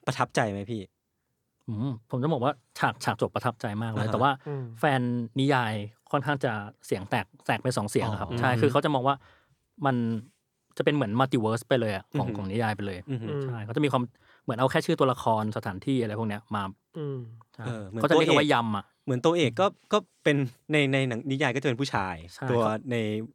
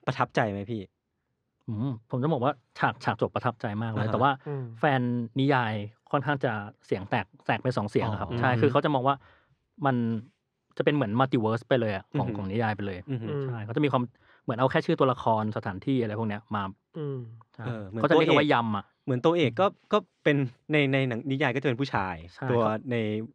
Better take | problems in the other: first | muffled; very slightly; fading above 3.5 kHz

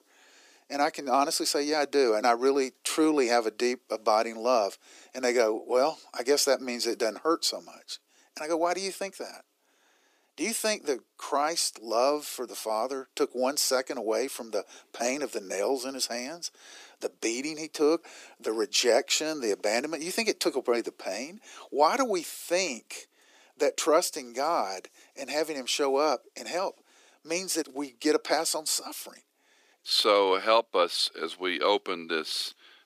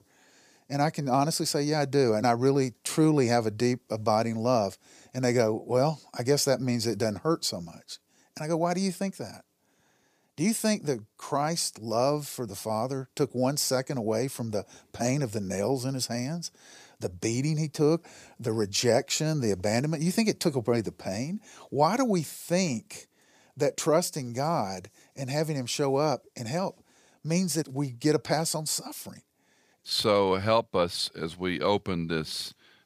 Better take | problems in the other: second | thin; somewhat; fading below 300 Hz

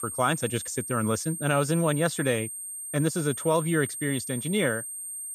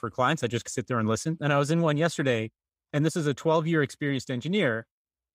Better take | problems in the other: second | high-pitched whine; loud; throughout; 8.5 kHz, 7 dB below the speech

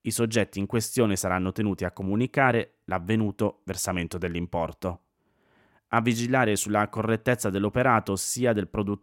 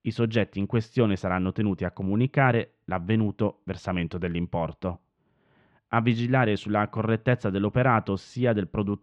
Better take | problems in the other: first | muffled; very; fading above 3.5 kHz

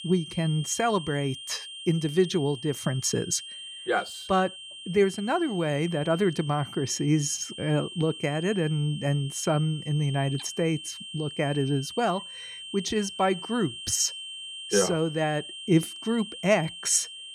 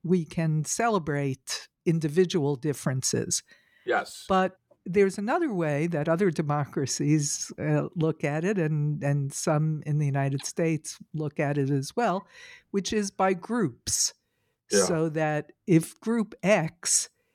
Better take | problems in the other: second | high-pitched whine; noticeable; throughout; 3 kHz, 10 dB below the speech

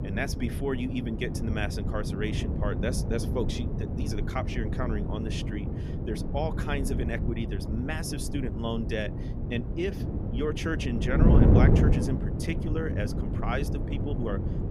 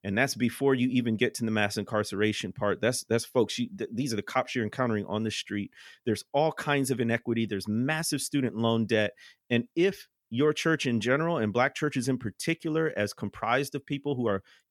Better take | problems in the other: second | wind noise on the microphone; heavy; 2 dB below the speech

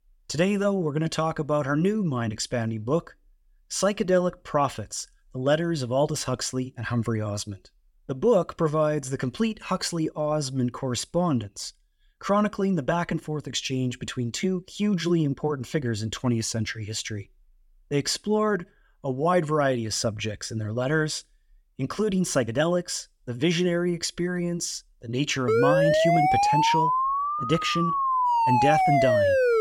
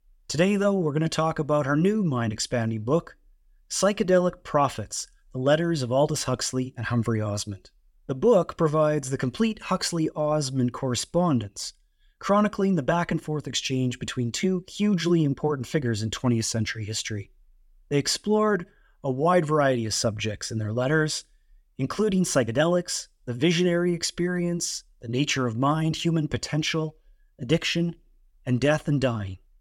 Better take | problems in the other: second | siren; loud; from 25 s on; peak 6 dB above the speech

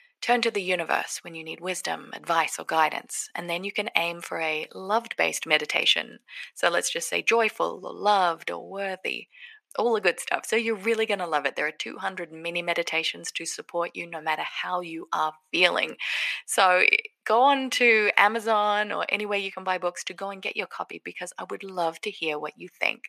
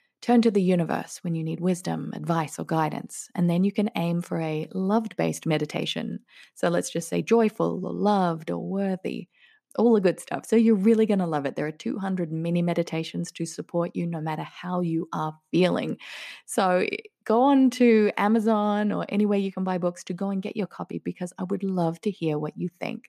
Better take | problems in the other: second | thin; very; fading below 700 Hz

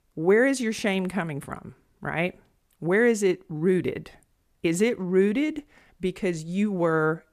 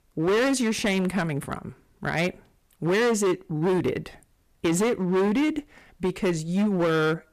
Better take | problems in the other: first | distortion; heavy; 16% of the sound clipped

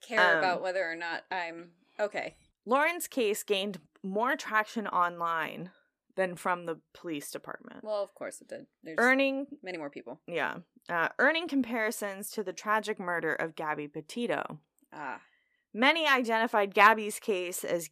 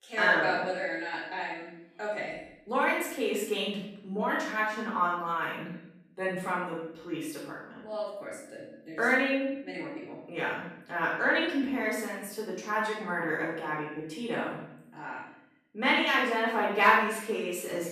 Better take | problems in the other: first | off-mic speech; far // room echo; noticeable; dies away in 0.7 s

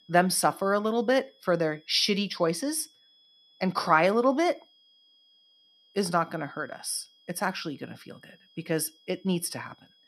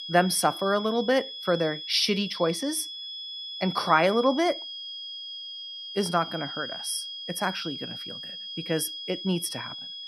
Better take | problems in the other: first | high-pitched whine; loud; throughout; 3.5 kHz, 8 dB below the speech; faint in the first

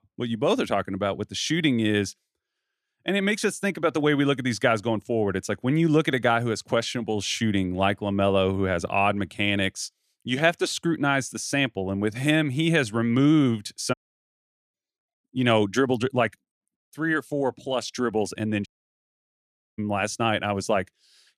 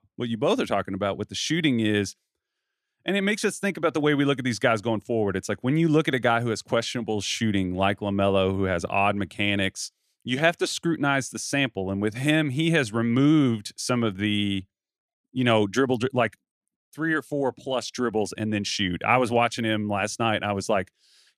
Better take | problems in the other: second | audio cutting out; at 14 s for 1 s and at 19 s for 1 s

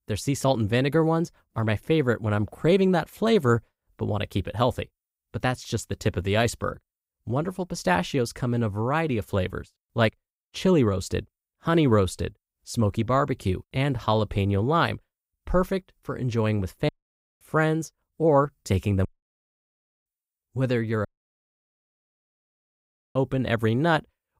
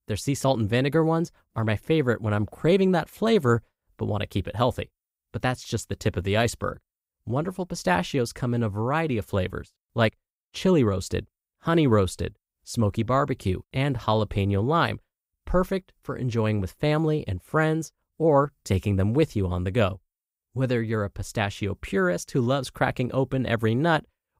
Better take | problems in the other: second | audio cutting out; at 17 s for 0.5 s, at 19 s for 1 s and at 21 s for 2 s

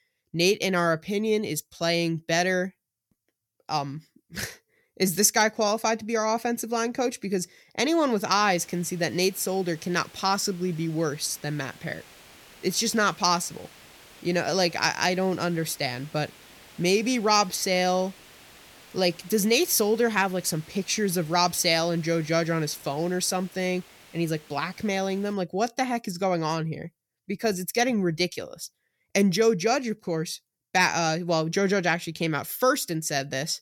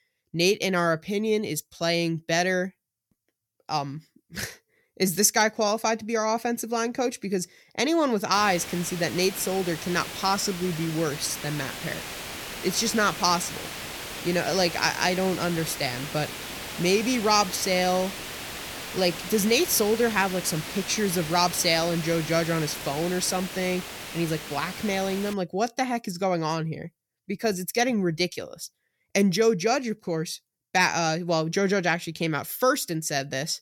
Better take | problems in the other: first | hiss; loud; from 8.5 to 25 s; 9 dB below the speech; faint in the first

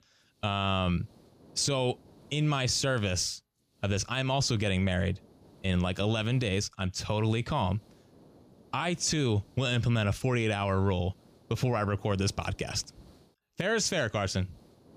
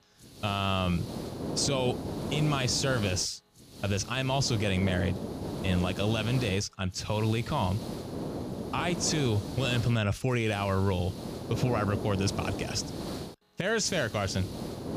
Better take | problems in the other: first | hiss; loud; throughout; 8 dB below the speech; faint in the first

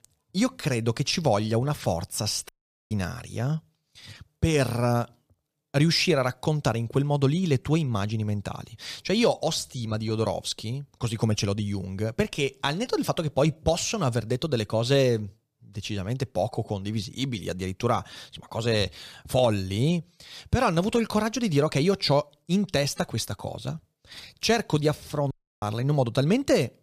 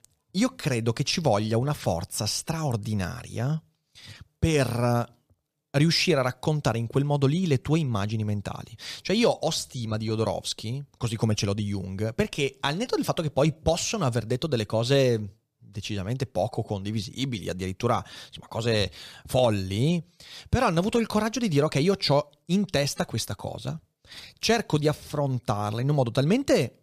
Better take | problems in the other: second | audio cutting out; at 2.5 s and at 25 s

